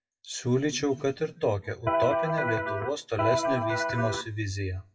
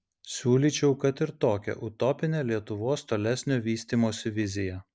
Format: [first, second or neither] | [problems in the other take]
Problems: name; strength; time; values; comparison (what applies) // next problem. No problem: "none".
second | noise reduction (classical method WPE with log-MMSE)